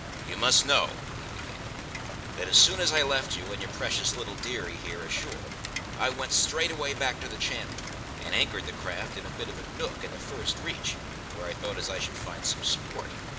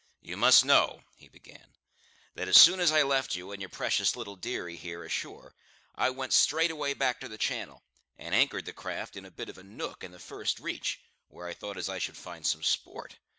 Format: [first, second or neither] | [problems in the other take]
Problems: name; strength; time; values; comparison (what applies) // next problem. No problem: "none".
second | background sound (Rain); 6 dB below the speech // room echo; dies away in 1 s